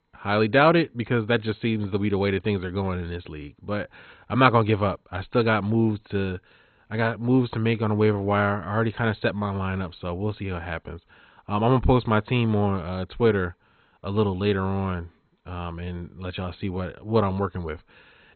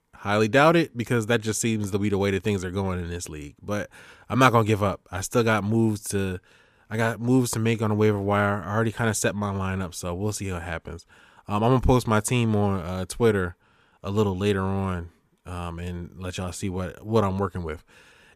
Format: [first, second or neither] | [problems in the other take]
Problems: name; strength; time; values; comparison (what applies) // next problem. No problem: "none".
second | garbled, watery; badly; nothing above 4 kHz